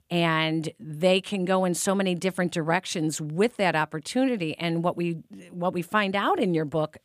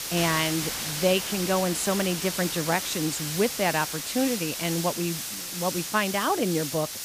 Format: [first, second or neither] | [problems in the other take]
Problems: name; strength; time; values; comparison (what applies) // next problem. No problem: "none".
first | hiss; loud; throughout; 3 dB below the speech